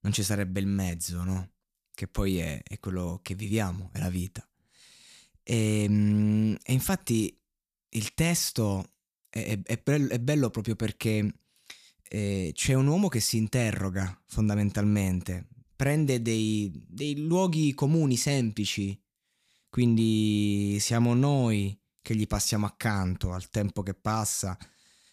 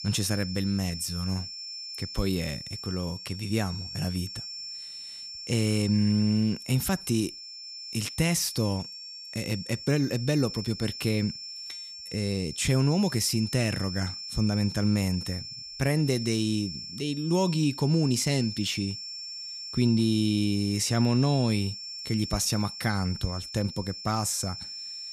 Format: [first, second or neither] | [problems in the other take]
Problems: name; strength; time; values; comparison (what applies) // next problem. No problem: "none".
first | high-pitched whine; loud; throughout; 5.5 kHz, 9 dB below the speech